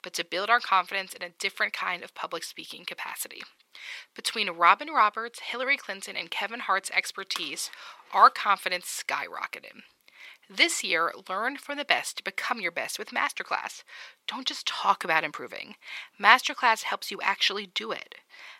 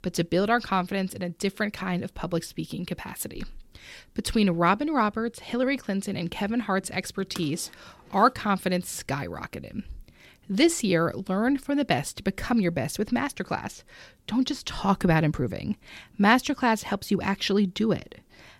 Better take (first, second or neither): second